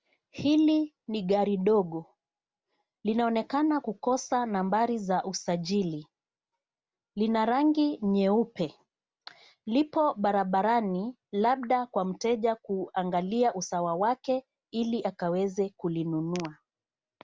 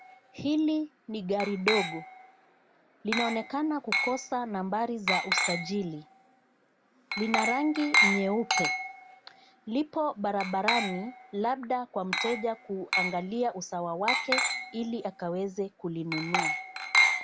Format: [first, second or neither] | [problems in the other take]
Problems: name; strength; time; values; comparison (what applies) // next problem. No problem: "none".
first | background sound (Glass); 1 dB below the speech